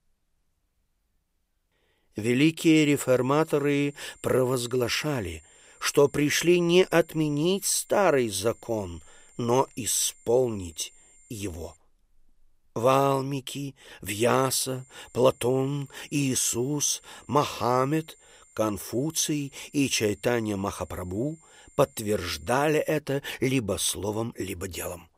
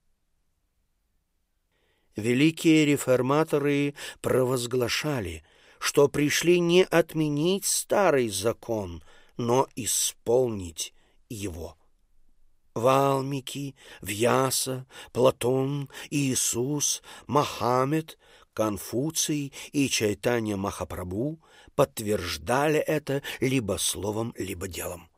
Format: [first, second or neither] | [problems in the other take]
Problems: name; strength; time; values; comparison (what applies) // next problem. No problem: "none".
second | high-pitched whine; faint; from 2.5 to 12 s and from 15 to 23 s; 7.5 kHz, 30 dB below the speech